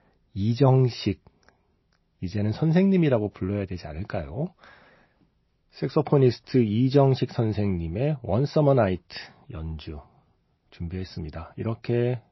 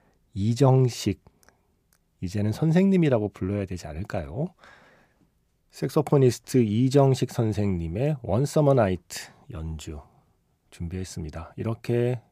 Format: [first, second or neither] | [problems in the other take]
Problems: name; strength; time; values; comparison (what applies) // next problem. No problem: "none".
second | garbled, watery; slightly; nothing above 5.5 kHz